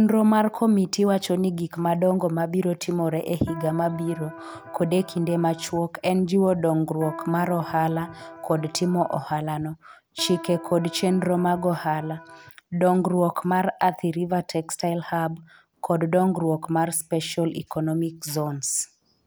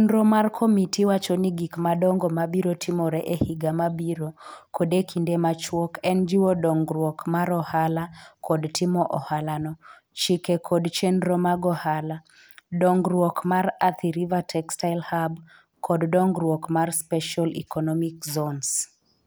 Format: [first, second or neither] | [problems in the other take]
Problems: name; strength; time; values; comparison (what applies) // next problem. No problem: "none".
second | background sound (Electric guitar); 16 dB below the speech